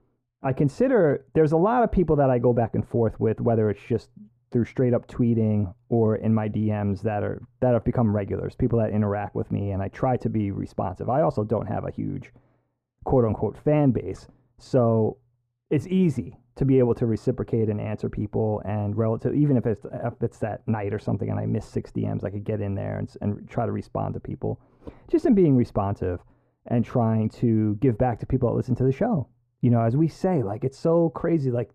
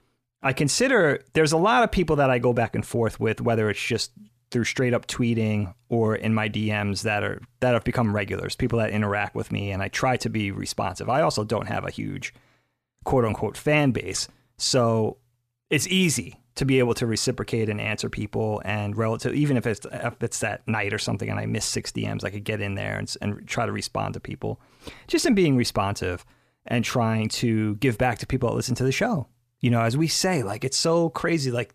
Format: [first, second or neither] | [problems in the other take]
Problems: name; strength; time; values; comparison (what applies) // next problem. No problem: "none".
second | muffled; very; fading above 1.5 kHz